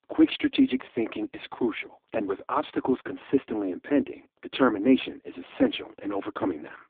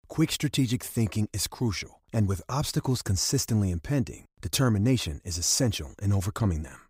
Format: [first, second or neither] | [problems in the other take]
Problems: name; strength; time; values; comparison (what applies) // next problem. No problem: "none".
second | phone-call audio; poor line